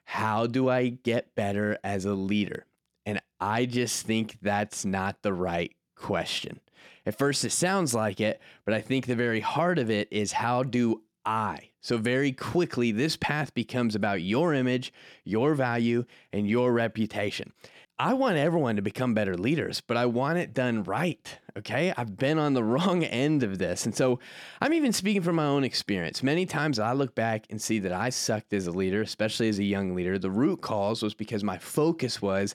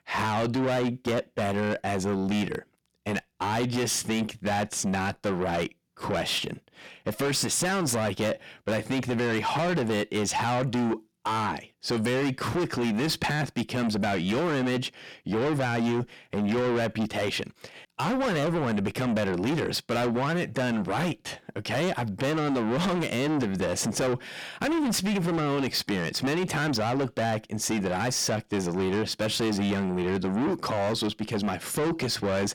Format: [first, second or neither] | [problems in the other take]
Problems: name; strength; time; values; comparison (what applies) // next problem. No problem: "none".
first | distortion; heavy; 7 dB below the speech